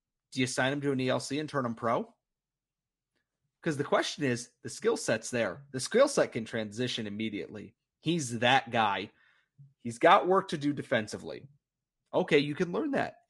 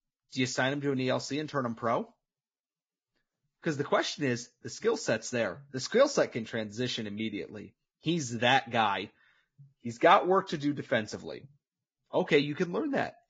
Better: first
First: garbled, watery; slightly; nothing above 10.5 kHz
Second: garbled, watery; badly; nothing above 7.5 kHz

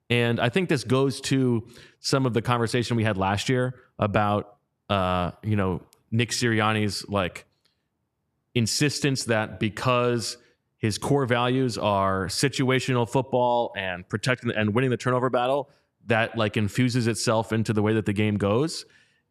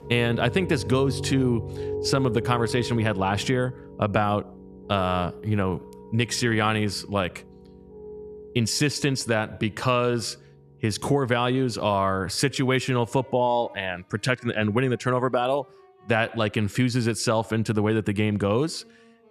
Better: first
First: none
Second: background music; noticeable; throughout; 10 dB below the speech

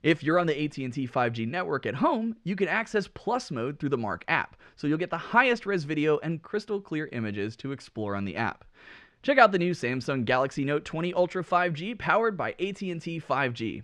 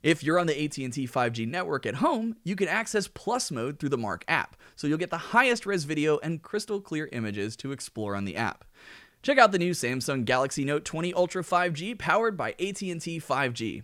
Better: second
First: muffled; slightly; fading above 3.5 kHz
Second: none

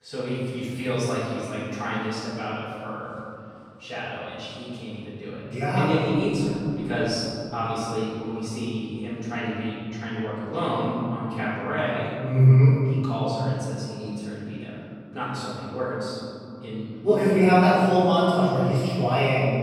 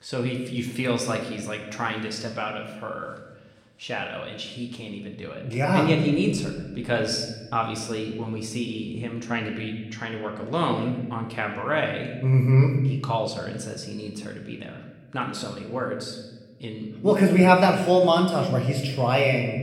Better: second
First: room echo; strong; dies away in 3 s // off-mic speech; far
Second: room echo; slight; dies away in 1.1 s

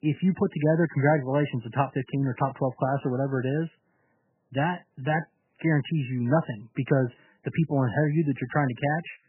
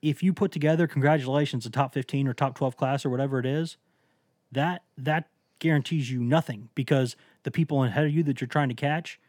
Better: second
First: garbled, watery; badly; nothing above 3 kHz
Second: none

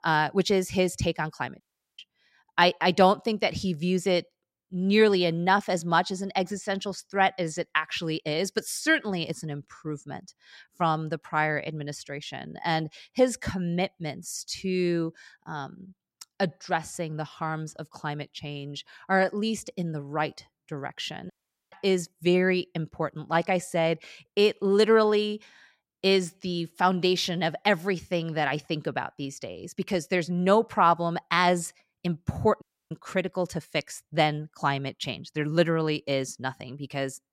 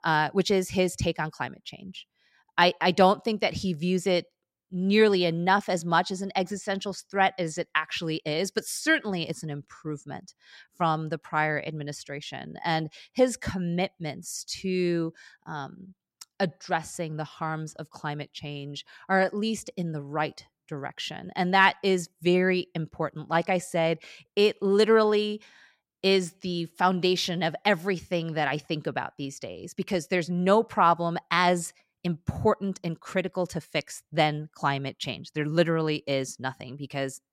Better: second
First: audio cutting out; at 1.5 s, at 21 s and at 33 s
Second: none

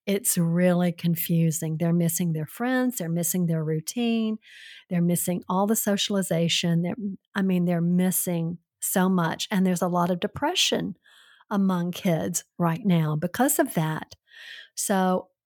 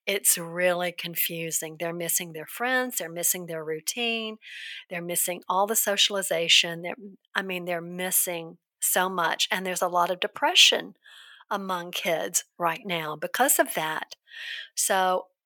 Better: first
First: none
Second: thin; very; fading below 550 Hz

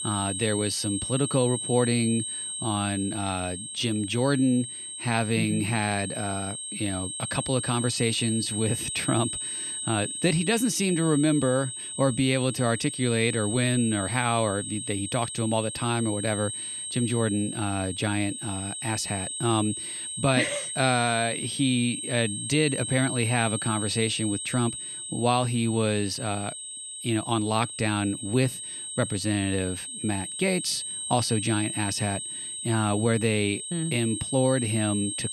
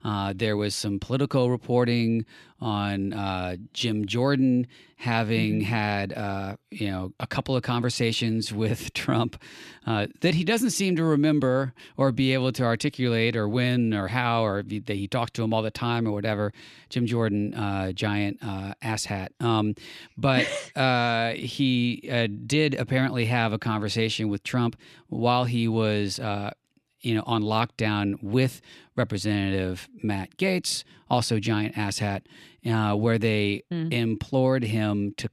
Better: second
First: high-pitched whine; loud; throughout; 8.5 kHz, 5 dB below the speech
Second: none

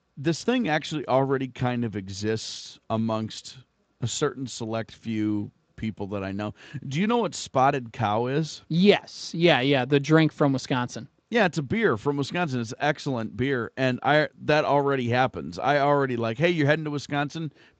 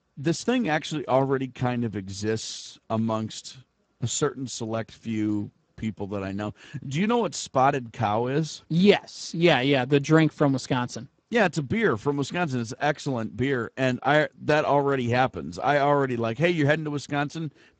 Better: first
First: garbled, watery; slightly; nothing above 7.5 kHz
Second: garbled, watery; badly; nothing above 7.5 kHz

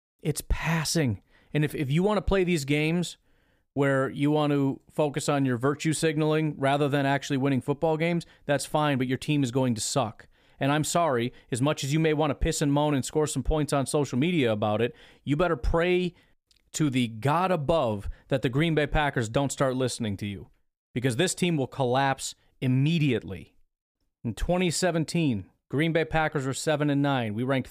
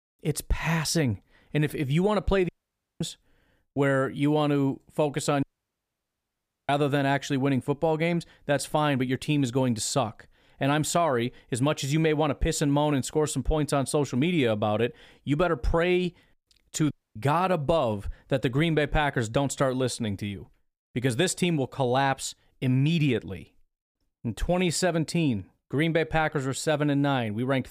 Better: first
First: none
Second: audio cutting out; at 2.5 s for 0.5 s, at 5.5 s for 1.5 s and at 17 s

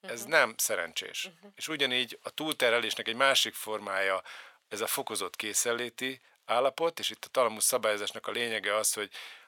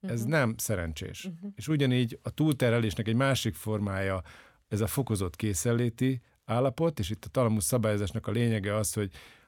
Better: second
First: thin; very; fading below 700 Hz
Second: none

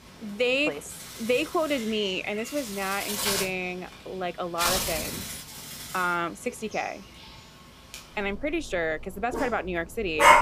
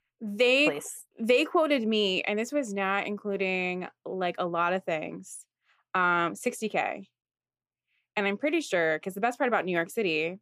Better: second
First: animal sounds; loud; throughout; as loud as the speech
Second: none

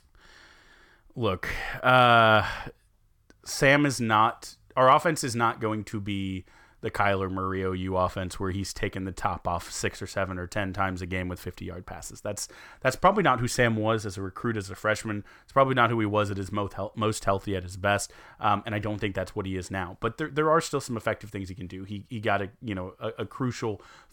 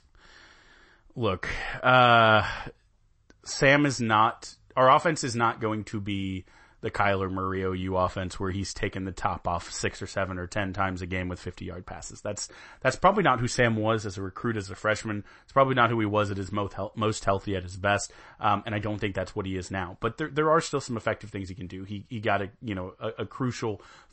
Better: first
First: none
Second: garbled, watery; slightly; nothing above 8 kHz

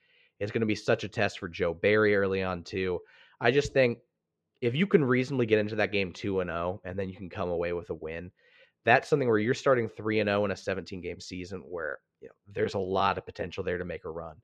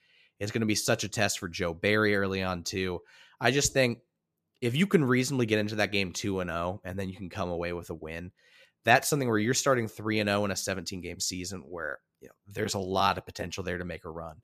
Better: second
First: muffled; slightly; fading above 2.5 kHz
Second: none

